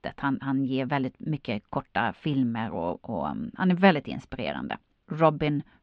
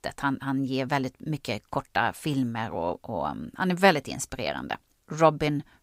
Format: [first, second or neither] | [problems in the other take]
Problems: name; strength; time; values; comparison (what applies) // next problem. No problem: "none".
second | muffled; slightly; fading above 3 kHz